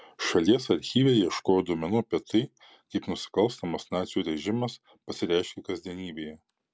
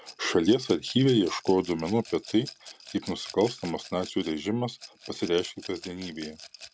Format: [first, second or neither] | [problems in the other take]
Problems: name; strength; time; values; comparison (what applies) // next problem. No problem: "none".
first | background sound (Rattle / Glass); 19 dB below the speech